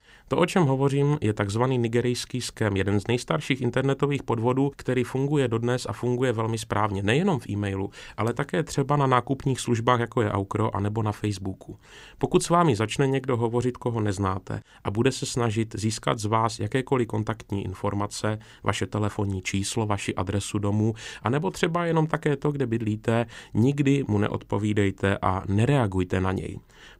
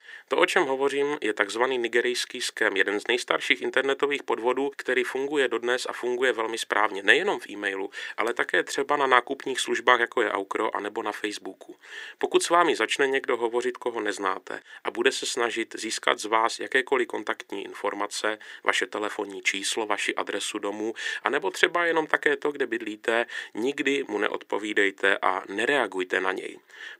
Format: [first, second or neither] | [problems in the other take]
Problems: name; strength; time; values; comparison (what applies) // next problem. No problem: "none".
first | thin; very; fading below 350 Hz